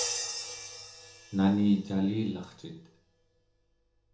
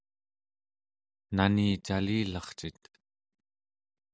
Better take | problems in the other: second | background sound (Crash cymbal); 10 dB below the speech // room echo; dies away in 1 s

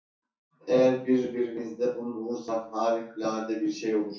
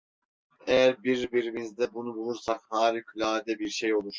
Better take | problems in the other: second | room echo; dies away in 0.6 s

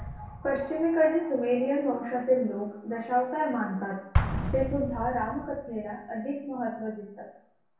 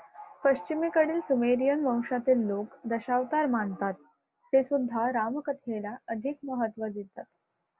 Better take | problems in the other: second | background sound (Explosion); 7 dB below the speech // room echo; dies away in 0.6 s

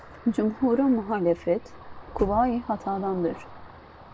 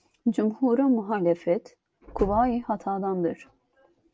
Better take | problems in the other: second | background sound (Ocean); 18 dB below the speech

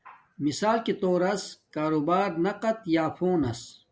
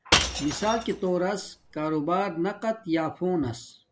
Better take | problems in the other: first | background sound (Shatter / Crushing); 3 dB below the speech

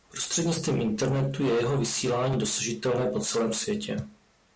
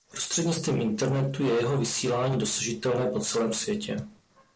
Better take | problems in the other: first | noise reduction (neural separator model SepFormer DNS4)

